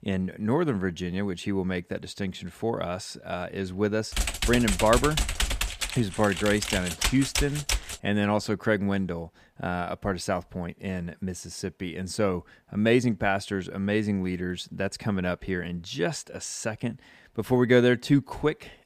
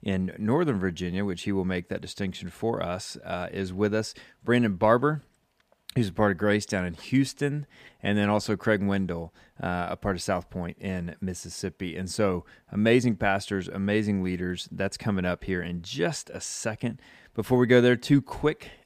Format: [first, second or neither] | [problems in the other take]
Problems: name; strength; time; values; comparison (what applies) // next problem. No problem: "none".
second | keyboard typing; loud; from 4 to 8 s; peak 1 dB above the speech